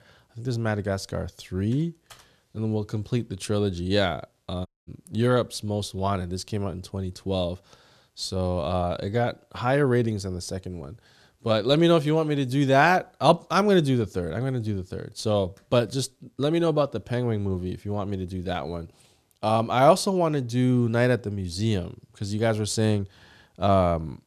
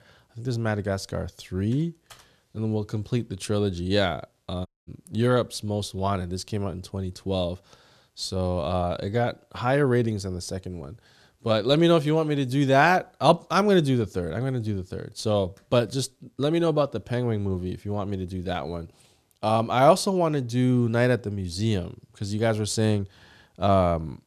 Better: neither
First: audio cutting out; at 4.5 s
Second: audio cutting out; at 4.5 s

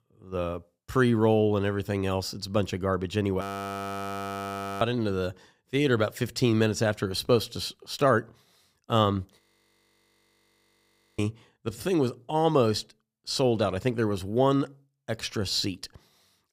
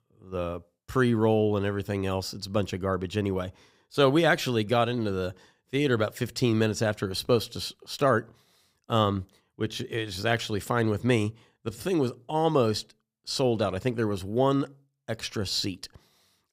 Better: second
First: audio freezing; at 3.5 s for 1.5 s and at 9.5 s for 2 s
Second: none

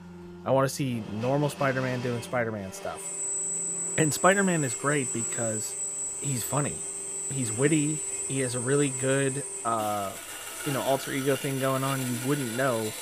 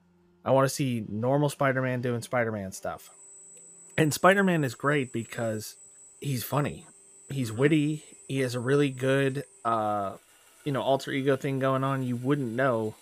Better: second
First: machinery noise; loud; throughout; 3 dB below the speech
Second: machinery noise; faint; throughout; 25 dB below the speech

